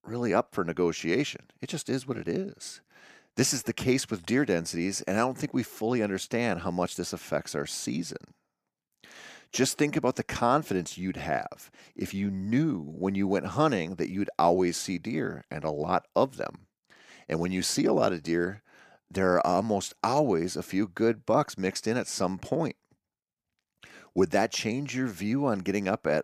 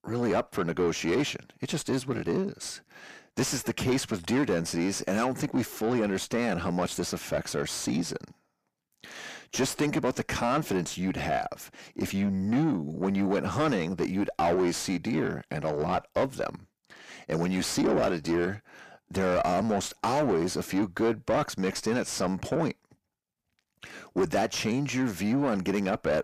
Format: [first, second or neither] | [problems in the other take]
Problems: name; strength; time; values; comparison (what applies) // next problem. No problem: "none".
first | distortion; heavy; 7 dB below the speech